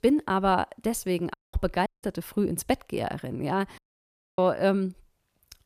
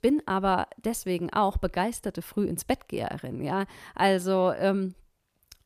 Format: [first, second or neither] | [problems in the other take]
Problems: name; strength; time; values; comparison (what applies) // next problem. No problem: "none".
second | audio cutting out; at 1.5 s, at 2 s and at 4 s for 0.5 s